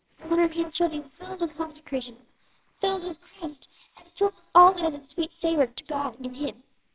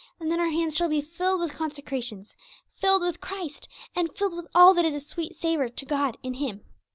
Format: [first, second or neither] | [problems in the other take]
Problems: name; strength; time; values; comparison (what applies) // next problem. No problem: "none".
second | noise reduction (neural separator model SepFormer WHAMR!)